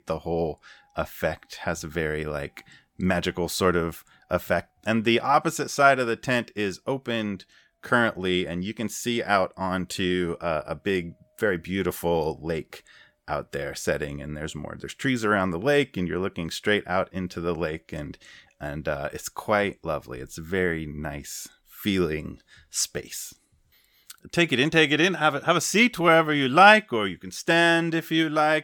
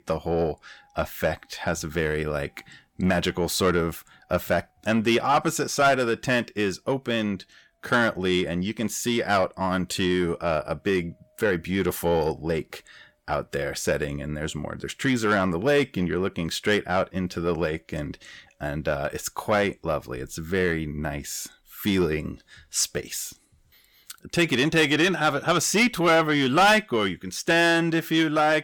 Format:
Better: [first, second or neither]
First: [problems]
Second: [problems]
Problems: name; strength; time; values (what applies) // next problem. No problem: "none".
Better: first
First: none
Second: distortion; slight; 10 dB below the speech